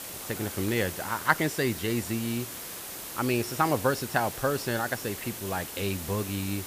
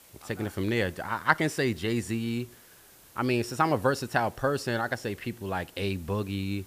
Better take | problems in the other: second | hiss; loud; throughout; 7 dB below the speech; faint in the second

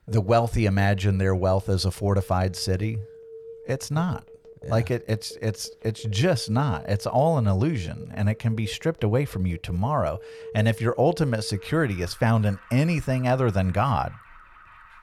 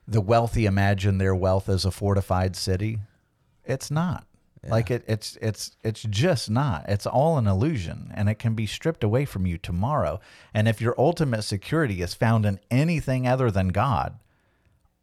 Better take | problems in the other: second | alarms or sirens; noticeable; throughout; 20 dB below the speech

